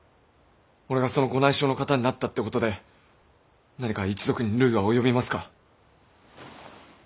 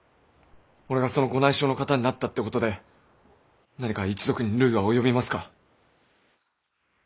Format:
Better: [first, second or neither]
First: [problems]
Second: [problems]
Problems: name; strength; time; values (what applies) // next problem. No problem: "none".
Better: first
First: none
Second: noise reduction (neural mask model Resemble Enhance denoiser)